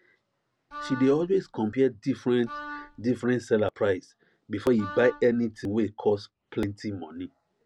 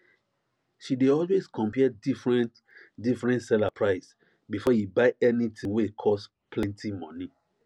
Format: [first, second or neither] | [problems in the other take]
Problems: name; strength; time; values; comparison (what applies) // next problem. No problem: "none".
second | background sound (Wind instrument, woodwind instrument); 14 dB below the speech